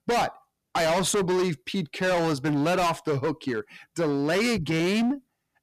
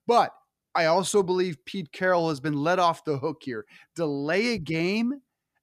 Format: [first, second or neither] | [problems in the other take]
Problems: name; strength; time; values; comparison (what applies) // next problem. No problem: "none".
second | distortion; heavy; 23% of the sound clipped